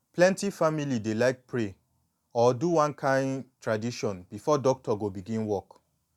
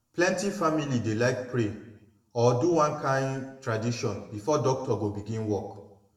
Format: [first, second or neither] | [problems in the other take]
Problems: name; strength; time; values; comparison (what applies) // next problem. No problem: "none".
first | room echo; dies away in 0.6 s